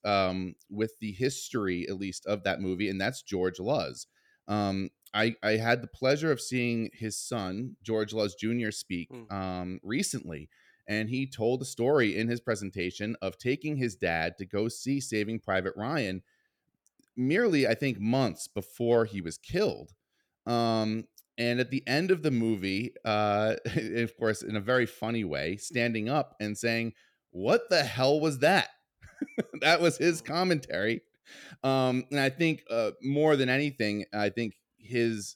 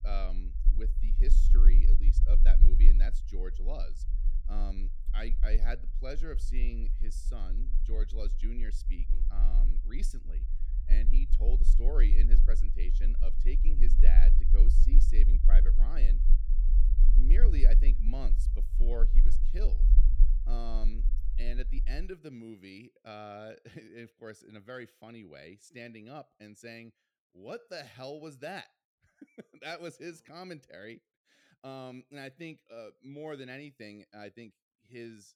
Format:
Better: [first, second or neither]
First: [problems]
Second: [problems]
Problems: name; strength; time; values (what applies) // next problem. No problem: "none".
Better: first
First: none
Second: low rumble; loud; until 22 s; 9 dB below the speech